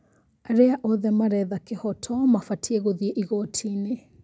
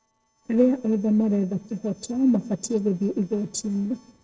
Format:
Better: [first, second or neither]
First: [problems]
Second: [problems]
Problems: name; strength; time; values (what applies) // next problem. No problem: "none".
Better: first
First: none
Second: noise reduction (neural separator model SepFormer DNS4)